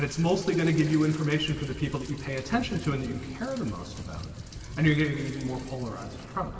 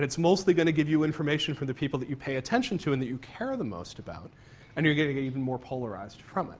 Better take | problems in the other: second | background sound (Rain); 13 dB below the speech // room echo; dies away in 2.6 s

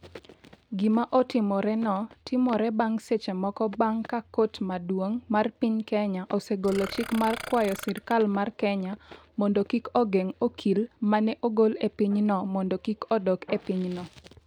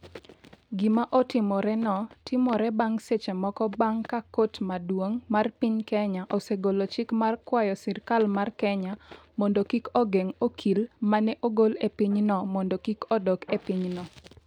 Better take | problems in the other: second | background sound (Burping, eructation); 13 dB below the speech

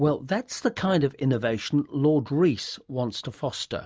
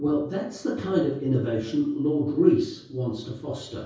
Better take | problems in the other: first | room echo; dies away in 0.6 s

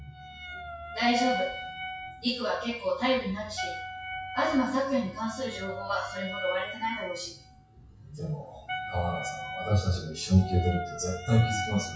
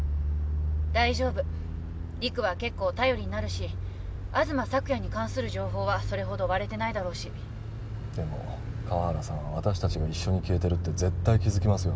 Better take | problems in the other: second | noise reduction (classical method WPE with log-MMSE)

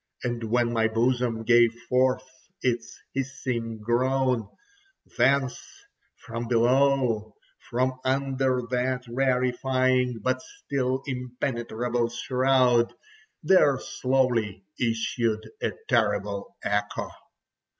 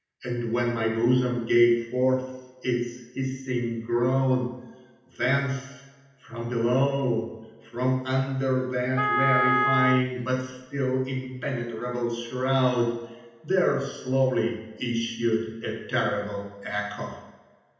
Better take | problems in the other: first | background sound (Wind instrument, woodwind instrument); as loud as the speech // room echo; dies away in 0.9 s

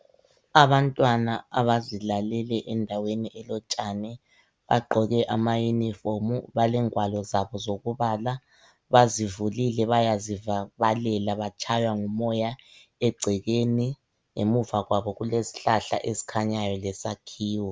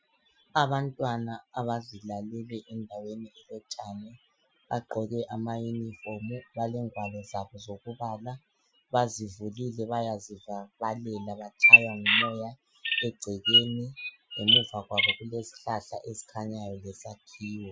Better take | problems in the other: first | noise reduction (classical method Wiener filter)

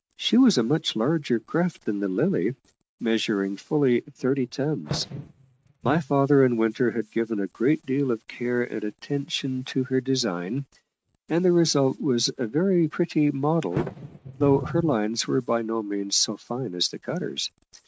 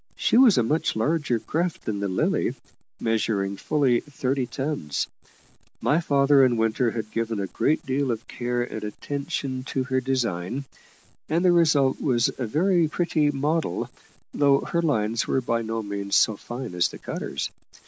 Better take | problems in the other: second | noise reduction (neural mask model RNNoise)

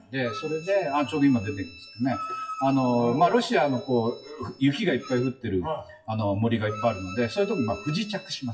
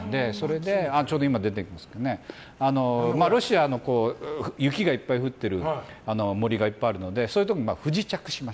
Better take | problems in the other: second | noise reduction (classical method WPE with log-MMSE)

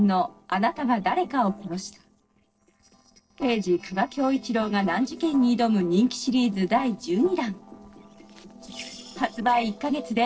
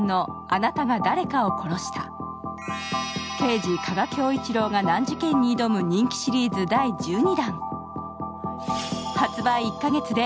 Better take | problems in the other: second | noise reduction (neural separator model SepFormer DNS4)

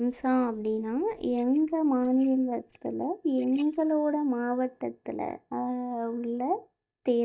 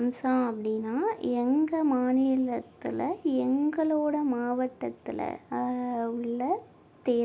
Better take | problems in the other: second | noise reduction (neural mask model DeepFilterNet 3)

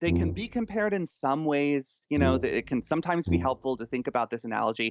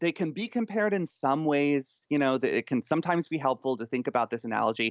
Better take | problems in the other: second | noise reduction (neural mask model DeepFilterNet 3)

